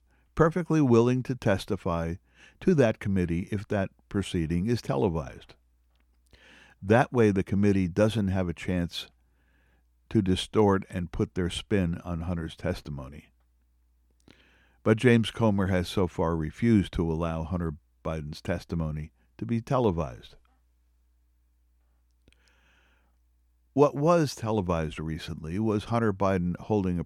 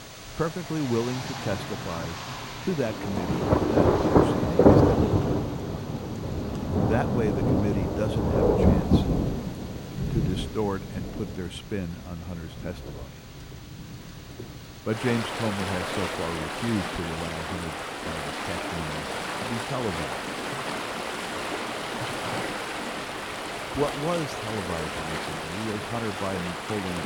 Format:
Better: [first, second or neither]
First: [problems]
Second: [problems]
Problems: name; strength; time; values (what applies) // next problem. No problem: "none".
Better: first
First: none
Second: rain or running water; very loud; throughout; 5 dB above the speech